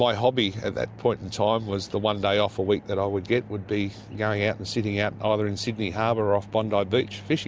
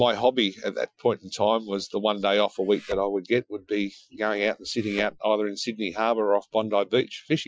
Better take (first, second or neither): first